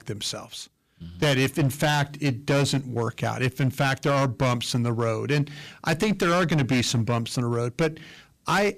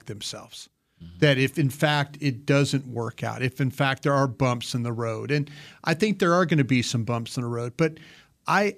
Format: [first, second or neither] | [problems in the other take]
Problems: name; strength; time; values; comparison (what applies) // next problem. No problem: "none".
second | distortion; heavy; 14% of the sound clipped